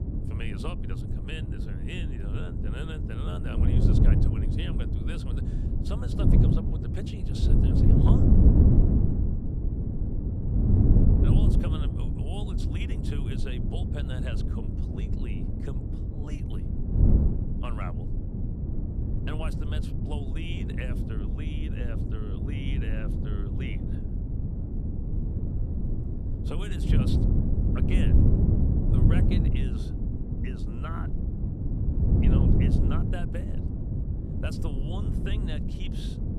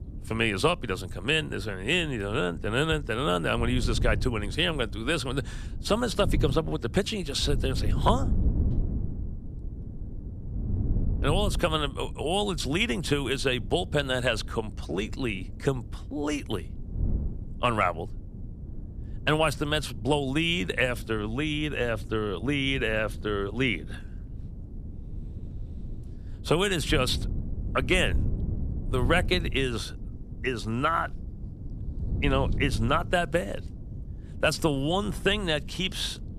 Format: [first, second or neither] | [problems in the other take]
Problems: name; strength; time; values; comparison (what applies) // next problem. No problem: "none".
second | wind noise on the microphone; heavy; 4 dB above the speech; occasional gusts in the second